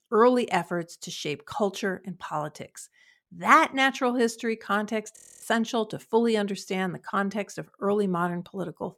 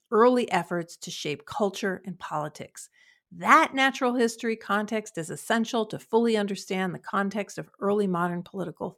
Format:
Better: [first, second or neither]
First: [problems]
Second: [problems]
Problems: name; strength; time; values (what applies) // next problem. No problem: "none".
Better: second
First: audio freezing; at 5 s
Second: none